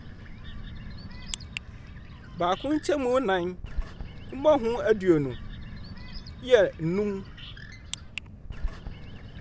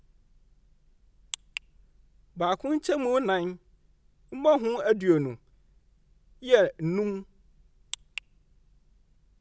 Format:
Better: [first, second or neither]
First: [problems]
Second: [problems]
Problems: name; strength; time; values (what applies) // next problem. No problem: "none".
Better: second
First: background sound (Bird); 10 dB below the speech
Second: none